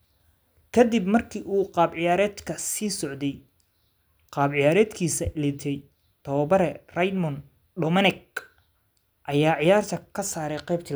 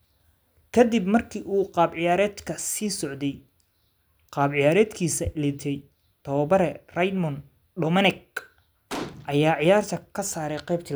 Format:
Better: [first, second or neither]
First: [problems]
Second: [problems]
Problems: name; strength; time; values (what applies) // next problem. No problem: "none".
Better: first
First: none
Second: background sound (Gunshot, gunfire); 13 dB below the speech